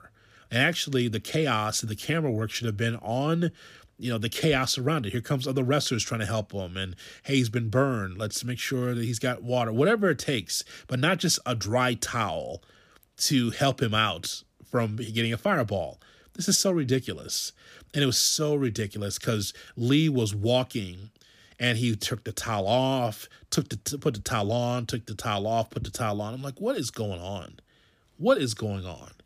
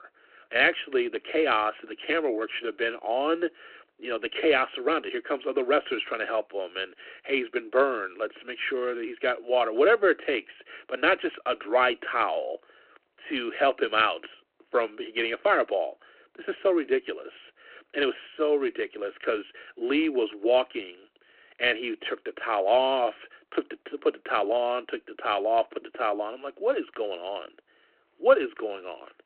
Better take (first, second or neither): first